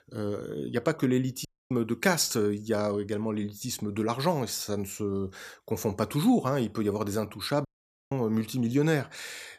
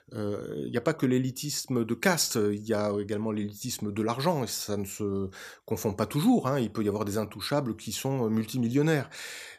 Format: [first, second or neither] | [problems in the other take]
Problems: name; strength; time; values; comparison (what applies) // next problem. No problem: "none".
second | audio cutting out; at 1.5 s and at 7.5 s